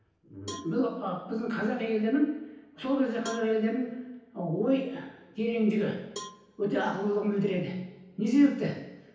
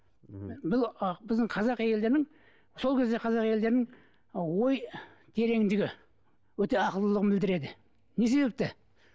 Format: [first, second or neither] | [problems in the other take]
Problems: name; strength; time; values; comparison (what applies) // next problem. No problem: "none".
second | background sound (Cowbell); 20 dB below the speech // room echo; dies away in 0.9 s